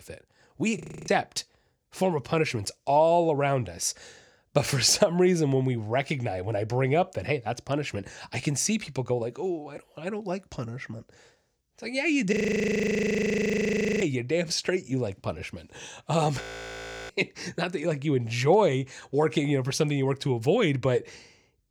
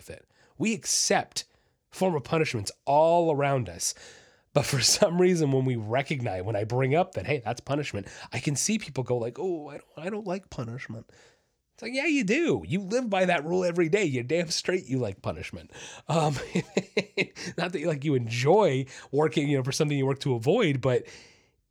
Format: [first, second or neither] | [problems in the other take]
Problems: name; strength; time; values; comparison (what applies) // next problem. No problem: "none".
second | audio freezing; at 1 s, at 12 s for 1.5 s and at 16 s for 0.5 s